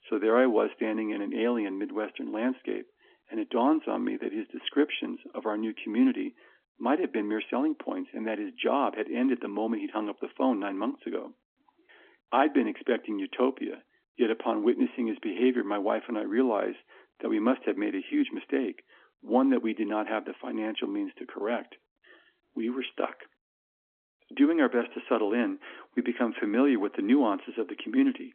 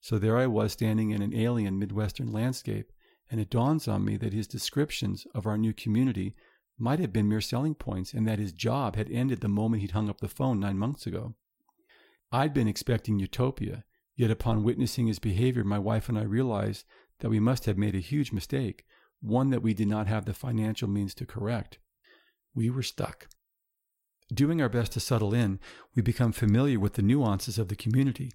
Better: second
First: phone-call audio; nothing above 3.5 kHz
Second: none

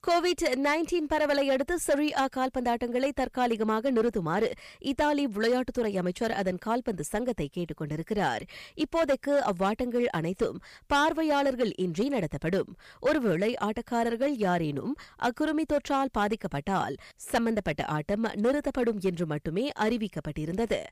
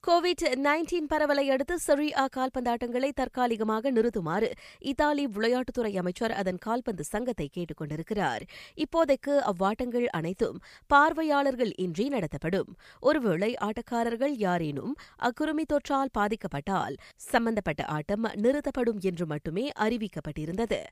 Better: second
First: distortion; slight; 5% of the sound clipped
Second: none

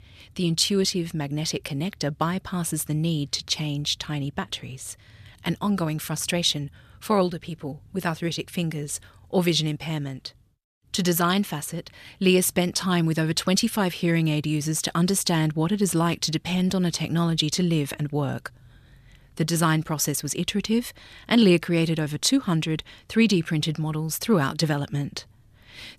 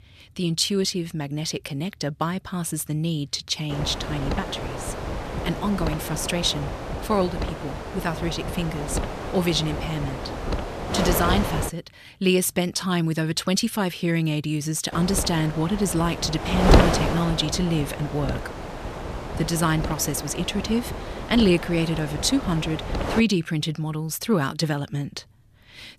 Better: first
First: none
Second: wind noise on the microphone; heavy; from 3.5 to 12 s and from 15 to 23 s; 3 dB below the speech

